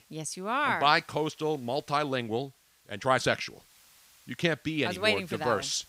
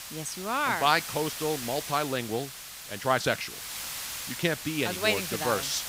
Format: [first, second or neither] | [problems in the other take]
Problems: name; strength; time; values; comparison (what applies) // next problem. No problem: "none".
first | hiss; loud; throughout; 7 dB below the speech; faint in the first